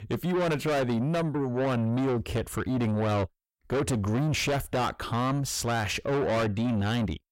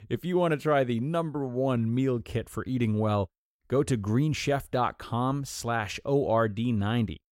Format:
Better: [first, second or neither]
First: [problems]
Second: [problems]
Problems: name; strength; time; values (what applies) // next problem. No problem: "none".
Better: second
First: distortion; heavy; 6 dB below the speech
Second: none